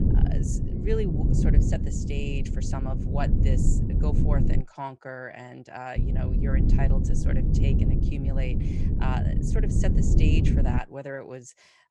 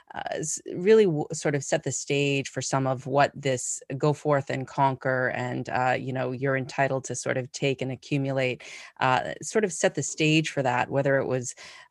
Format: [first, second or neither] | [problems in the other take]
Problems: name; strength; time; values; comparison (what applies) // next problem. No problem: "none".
second | low rumble; loud; until 4.5 s and from 6 to 11 s; as loud as the speech